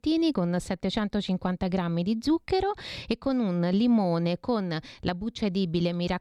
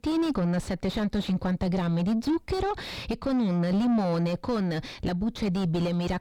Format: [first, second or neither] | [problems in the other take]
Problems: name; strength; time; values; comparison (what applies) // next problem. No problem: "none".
first | distortion; heavy; 4 dB below the speech